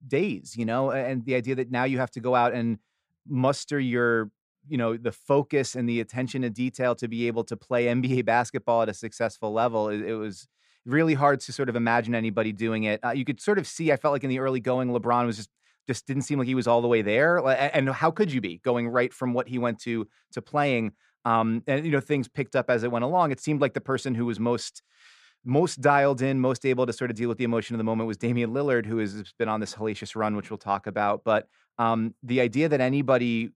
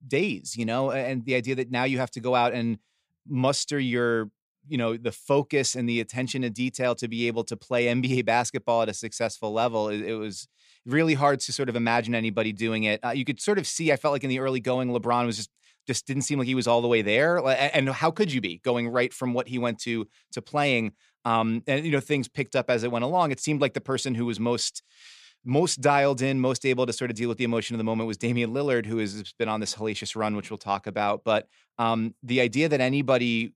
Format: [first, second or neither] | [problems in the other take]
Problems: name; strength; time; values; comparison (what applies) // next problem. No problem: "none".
second | muffled; slightly; fading above 2 kHz